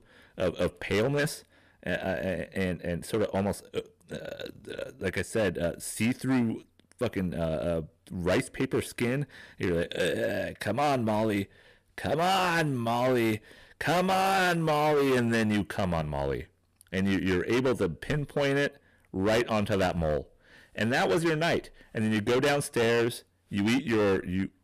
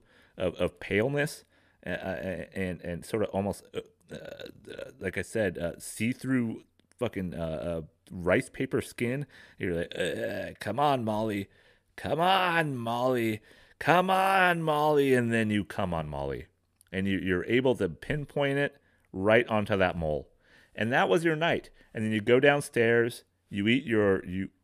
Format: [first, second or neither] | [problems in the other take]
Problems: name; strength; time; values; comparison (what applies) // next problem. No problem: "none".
second | distortion; heavy; 12% of the sound clipped